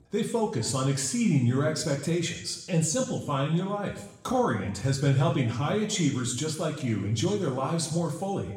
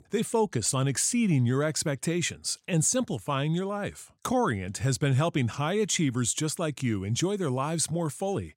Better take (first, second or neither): second